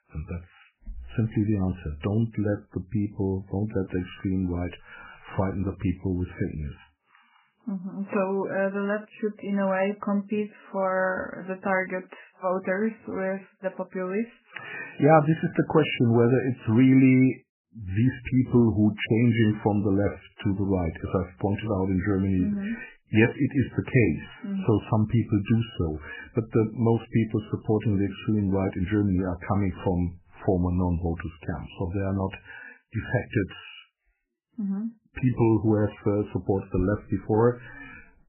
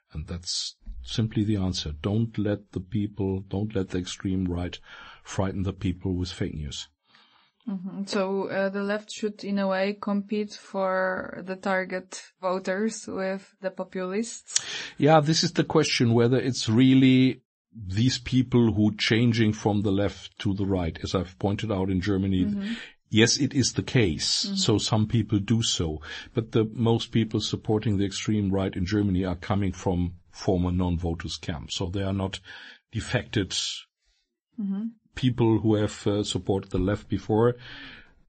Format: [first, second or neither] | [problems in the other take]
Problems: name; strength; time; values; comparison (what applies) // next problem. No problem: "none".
second | garbled, watery; badly; nothing above 3 kHz; slightly in the second